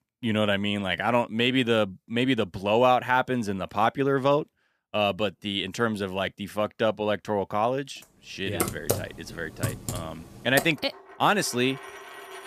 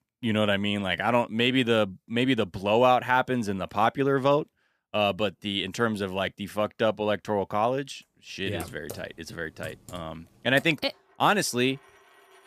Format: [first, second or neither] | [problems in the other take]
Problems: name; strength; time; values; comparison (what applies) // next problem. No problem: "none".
second | household noises; loud; from 8.5 s on; 8 dB below the speech; faint in the second